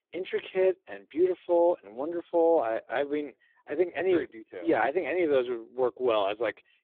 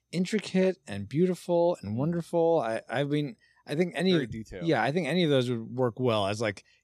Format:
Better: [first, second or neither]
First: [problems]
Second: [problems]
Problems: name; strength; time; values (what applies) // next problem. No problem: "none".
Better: second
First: phone-call audio; poor line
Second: none